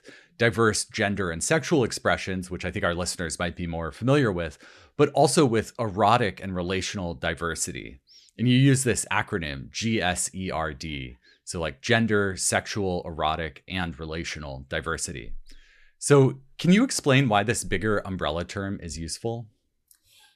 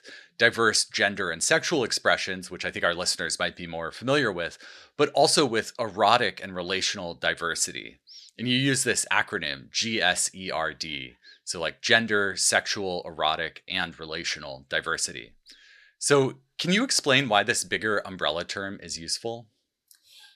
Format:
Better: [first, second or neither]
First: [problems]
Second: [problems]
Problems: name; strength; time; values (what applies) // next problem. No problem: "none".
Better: first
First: none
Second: thin; somewhat; fading below 350 Hz